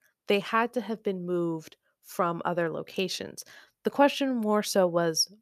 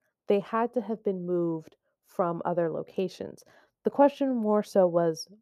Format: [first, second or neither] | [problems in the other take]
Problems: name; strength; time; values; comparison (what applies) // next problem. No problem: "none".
first | muffled; slightly; fading above 1.5 kHz